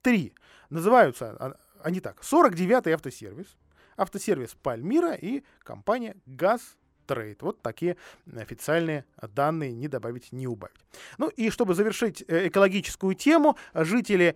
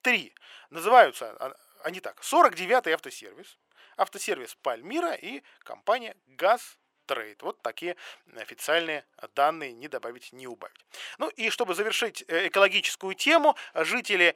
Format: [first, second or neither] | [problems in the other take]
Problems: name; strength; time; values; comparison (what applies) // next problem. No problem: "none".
first | thin; somewhat; fading below 550 Hz